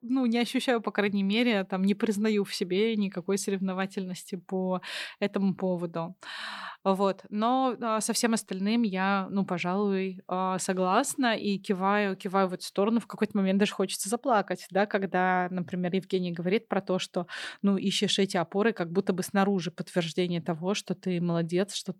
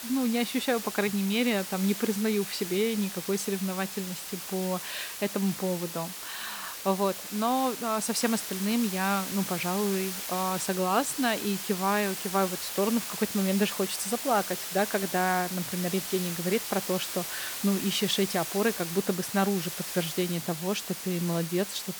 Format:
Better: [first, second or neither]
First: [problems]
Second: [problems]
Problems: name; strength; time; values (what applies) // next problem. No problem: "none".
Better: first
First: none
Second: hiss; loud; throughout; 5 dB below the speech